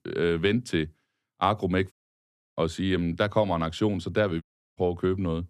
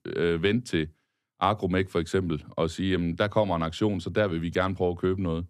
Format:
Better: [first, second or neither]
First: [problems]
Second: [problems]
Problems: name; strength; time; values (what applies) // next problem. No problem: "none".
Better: second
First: audio cutting out; at 2 s for 0.5 s and at 4.5 s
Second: none